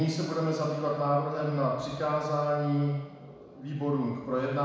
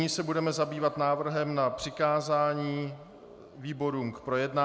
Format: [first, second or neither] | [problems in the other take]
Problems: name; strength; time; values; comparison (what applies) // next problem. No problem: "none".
second | room echo; dies away in 1.1 s